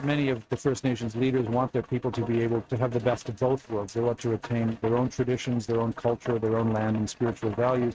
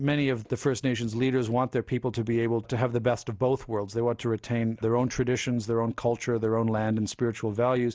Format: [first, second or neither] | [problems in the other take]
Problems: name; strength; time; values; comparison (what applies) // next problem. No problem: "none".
second | noise reduction (neural mask model RNNoise)